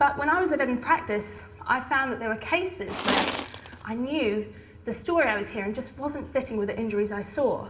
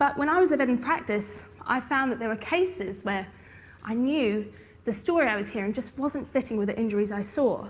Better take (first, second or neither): second